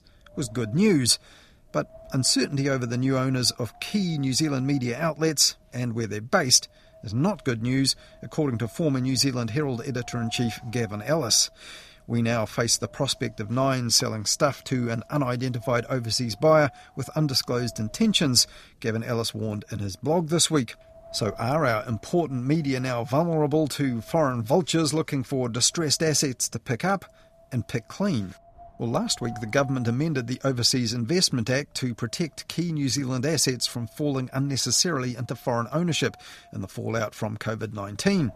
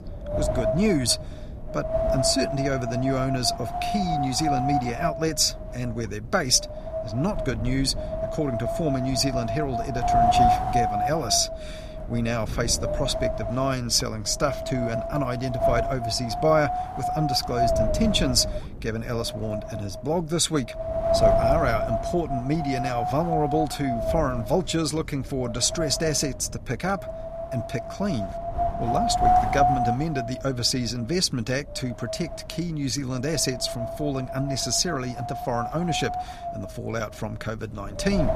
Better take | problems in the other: first | wind noise on the microphone; heavy; 1 dB above the speech; occasional gusts in the first

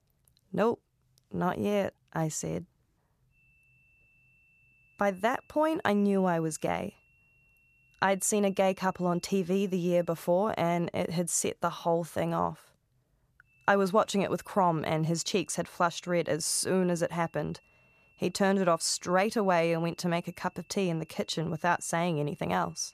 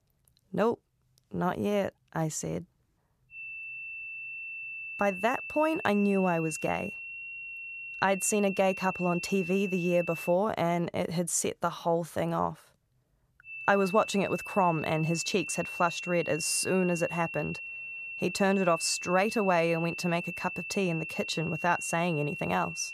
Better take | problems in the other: first | high-pitched whine; loud; from 3.5 to 10 s and from 13 s on; 2.5 kHz, 8 dB below the speech; faint in the first

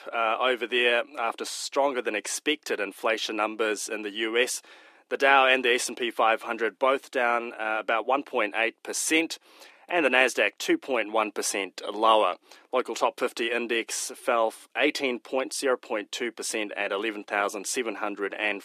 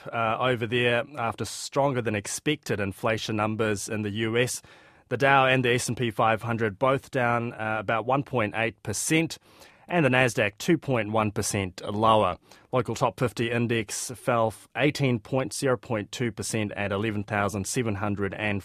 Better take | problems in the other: second | thin; somewhat; fading below 300 Hz

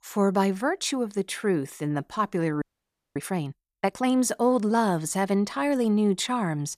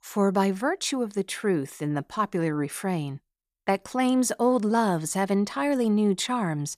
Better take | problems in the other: second | audio freezing; at 2.5 s for 0.5 s

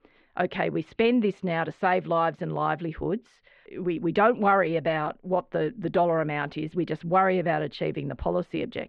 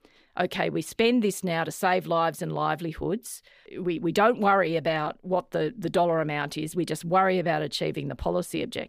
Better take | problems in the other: second | muffled; slightly; fading above 2.5 kHz

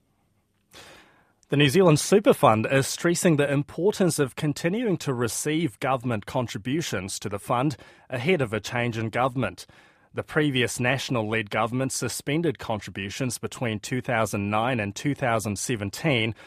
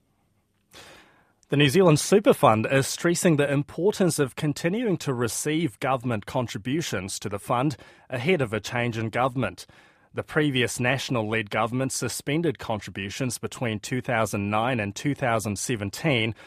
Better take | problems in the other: neither | none

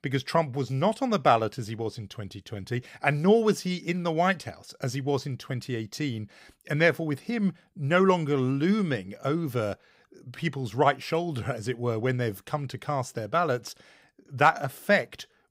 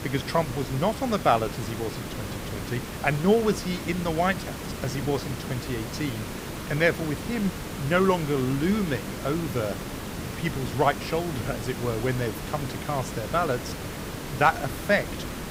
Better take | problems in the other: first | hiss; loud; throughout; 7 dB below the speech

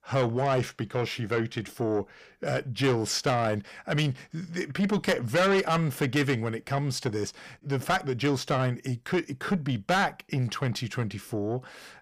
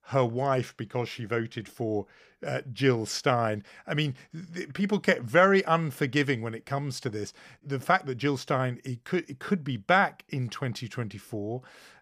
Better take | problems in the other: second | distortion; heavy; 7 dB below the speech

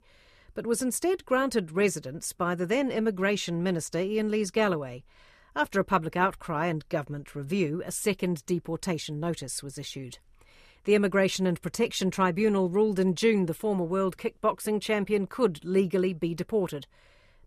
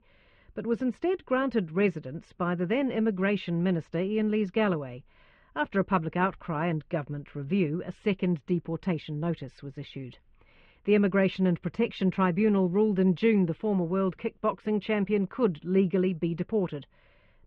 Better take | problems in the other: first | muffled; very; fading above 3 kHz

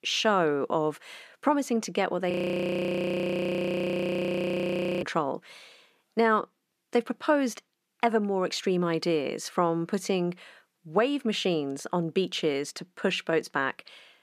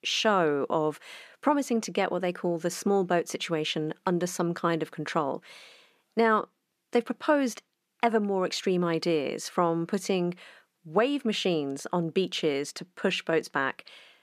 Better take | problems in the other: second | audio freezing; at 2.5 s for 2.5 s

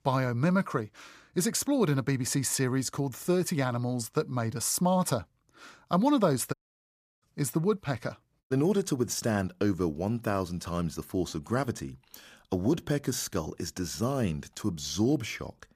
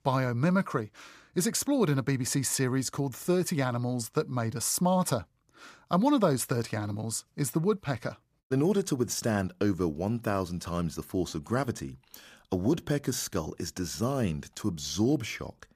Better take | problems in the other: second | audio cutting out; at 6.5 s for 0.5 s

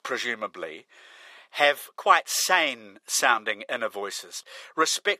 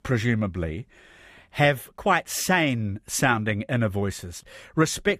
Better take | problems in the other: second | thin; very; fading below 450 Hz

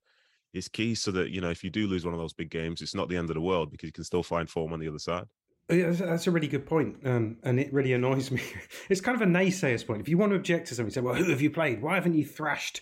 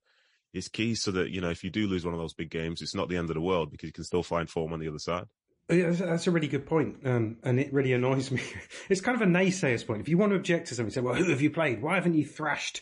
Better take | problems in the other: first | garbled, watery; slightly; nothing above 10.5 kHz

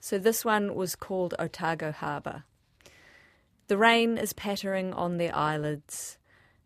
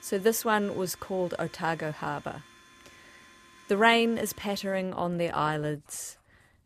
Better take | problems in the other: first | household noises; faint; throughout; 25 dB below the speech

